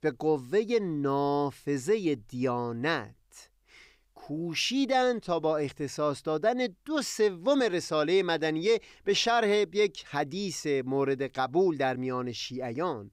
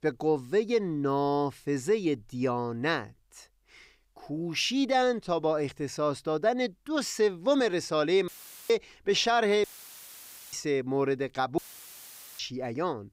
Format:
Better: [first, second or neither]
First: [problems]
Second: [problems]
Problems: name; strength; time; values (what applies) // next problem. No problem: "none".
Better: first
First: none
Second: audio cutting out; filled with static; at 8.5 s, at 9.5 s for 1 s and at 12 s for 1 s